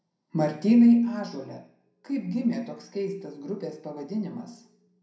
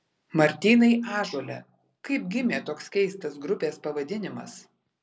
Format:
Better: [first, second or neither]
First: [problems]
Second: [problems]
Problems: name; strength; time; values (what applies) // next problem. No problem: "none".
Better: second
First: room echo; dies away in 0.5 s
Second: none